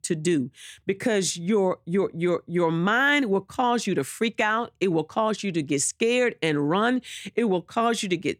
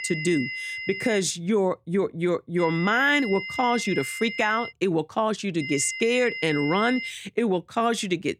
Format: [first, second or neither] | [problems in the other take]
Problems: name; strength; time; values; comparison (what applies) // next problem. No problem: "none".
first | high-pitched whine; loud; until 1 s, from 2.5 to 4.5 s and from 5.5 to 7 s; 2 kHz, 7 dB below the speech